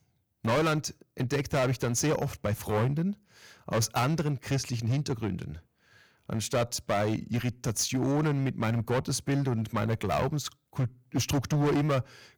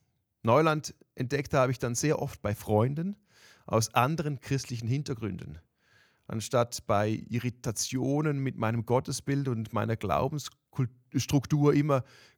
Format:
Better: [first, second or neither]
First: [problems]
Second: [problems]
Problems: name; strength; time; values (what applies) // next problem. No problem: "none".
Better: second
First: distortion; heavy; 12% of the sound clipped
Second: none